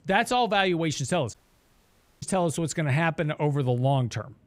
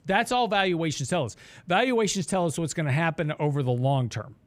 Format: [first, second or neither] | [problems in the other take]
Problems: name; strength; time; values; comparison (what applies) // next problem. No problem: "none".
second | audio cutting out; at 1.5 s for 1 s